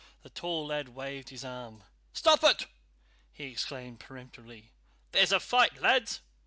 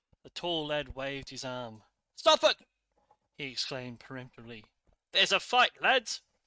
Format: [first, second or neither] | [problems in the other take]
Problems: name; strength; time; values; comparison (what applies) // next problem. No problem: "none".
first | noise reduction (neural mask model RNNoise)